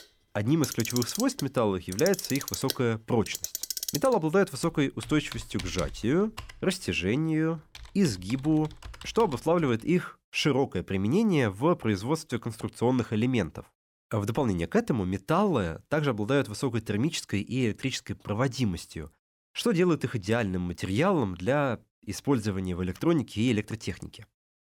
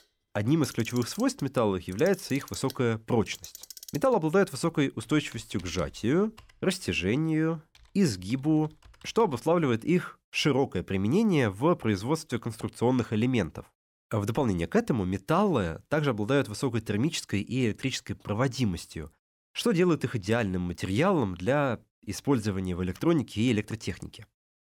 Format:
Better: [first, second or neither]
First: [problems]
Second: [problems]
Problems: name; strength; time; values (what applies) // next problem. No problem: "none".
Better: second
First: household noises; loud; until 9.5 s; 9 dB below the speech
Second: household noises; faint; until 9.5 s; 20 dB below the speech